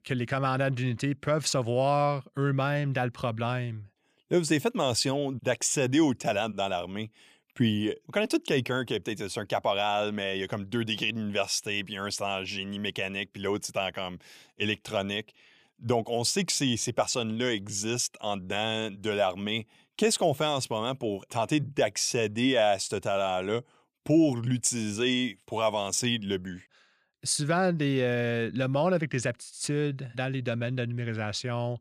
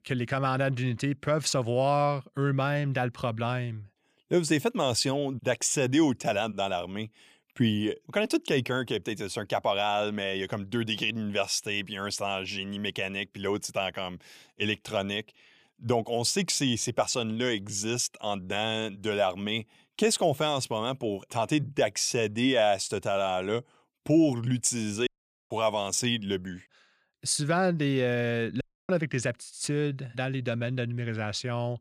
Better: first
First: none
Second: audio cutting out; at 25 s and at 29 s

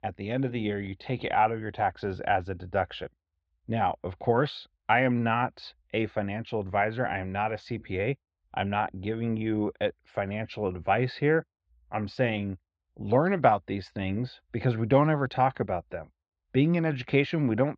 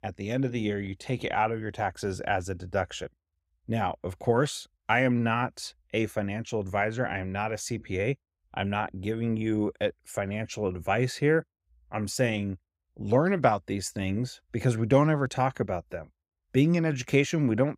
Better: second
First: muffled; slightly; fading above 4 kHz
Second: none

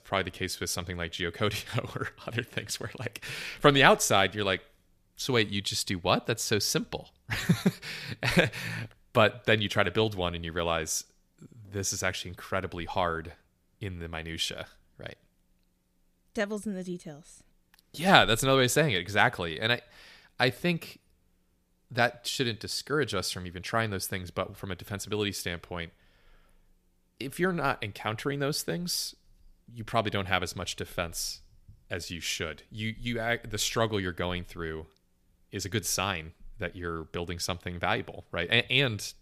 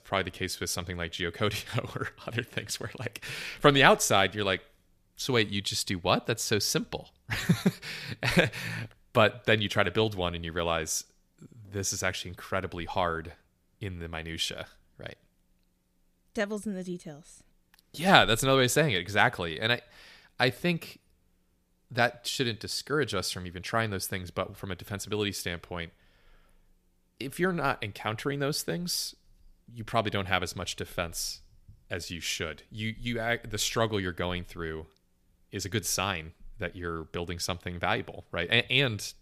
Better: neither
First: none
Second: none

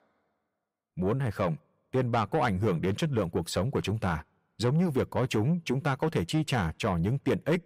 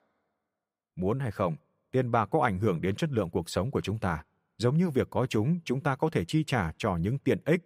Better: second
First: distortion; slight; 10 dB below the speech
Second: none

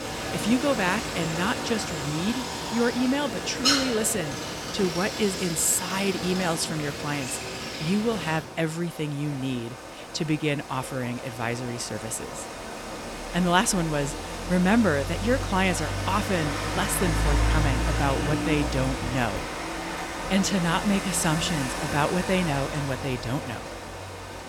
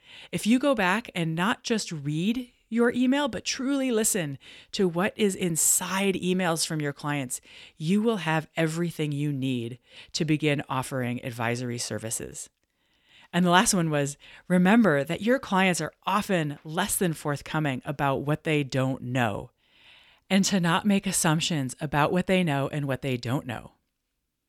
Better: second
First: rain or running water; loud; throughout; 4 dB below the speech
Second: none

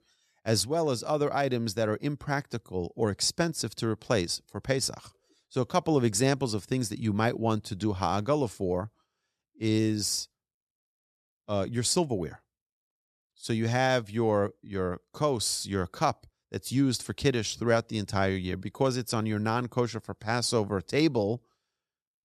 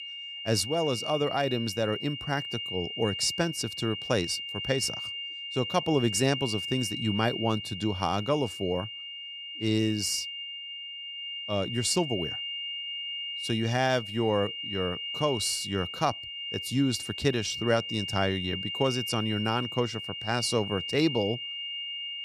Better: first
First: none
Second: high-pitched whine; loud; throughout; 3 kHz, 5 dB below the speech

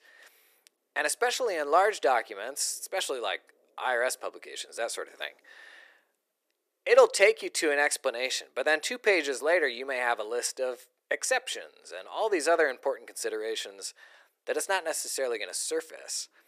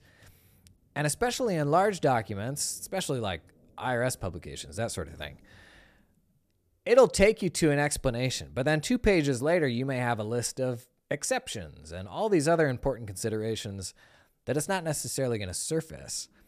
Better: second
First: thin; very; fading below 400 Hz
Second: none

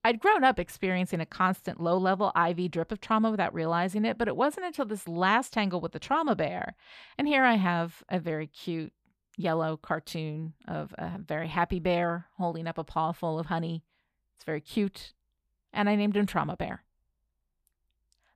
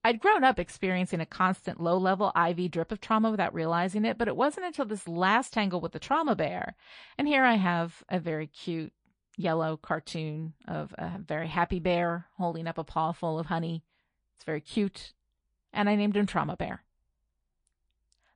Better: first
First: none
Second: garbled, watery; slightly; nothing above 10.5 kHz

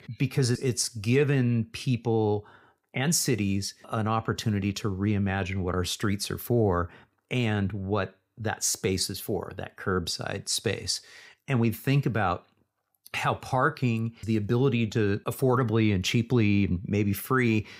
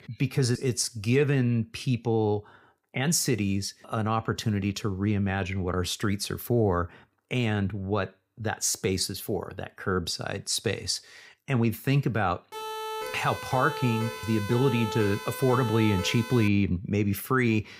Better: first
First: none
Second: siren; noticeable; from 13 to 16 s; peak 6 dB below the speech

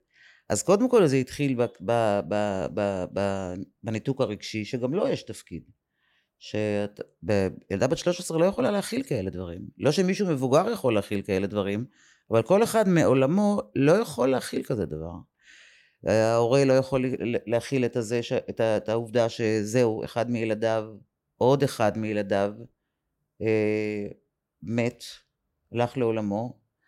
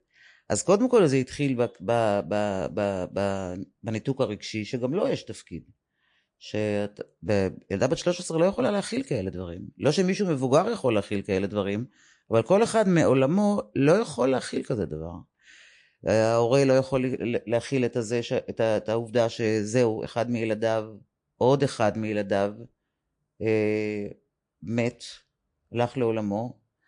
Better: first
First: none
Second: garbled, watery; slightly; nothing above 9 kHz

